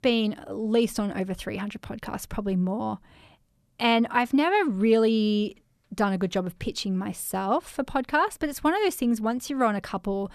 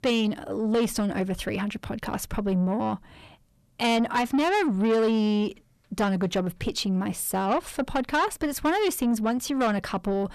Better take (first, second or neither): first